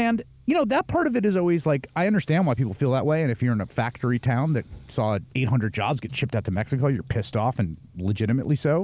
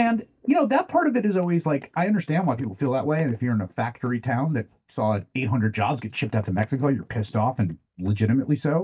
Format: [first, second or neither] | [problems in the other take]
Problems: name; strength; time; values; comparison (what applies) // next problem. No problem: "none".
first | noise reduction (neural mask model DeepFilterNet 3)